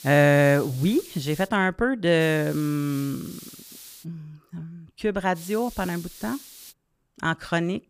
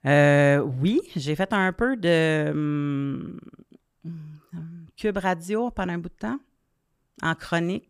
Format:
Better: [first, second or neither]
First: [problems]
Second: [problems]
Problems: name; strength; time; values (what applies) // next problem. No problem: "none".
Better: second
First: hiss; noticeable; until 1.5 s, from 2 to 4 s and from 5.5 to 6.5 s; 20 dB below the speech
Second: none